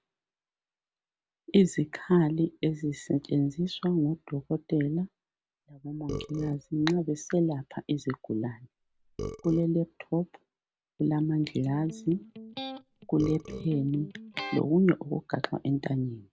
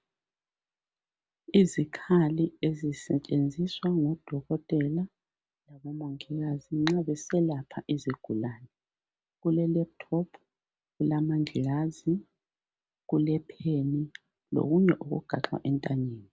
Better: second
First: background sound (Electric guitar + Burping, eructation); 12 dB below the speech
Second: none

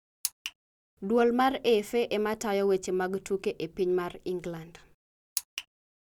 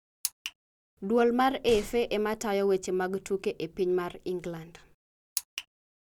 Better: first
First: none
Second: background sound (Slam); 14 dB below the speech

